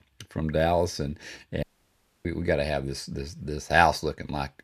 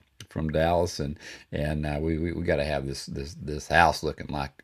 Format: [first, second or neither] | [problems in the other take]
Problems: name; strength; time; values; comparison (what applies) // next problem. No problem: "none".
second | audio cutting out; at 1.5 s for 0.5 s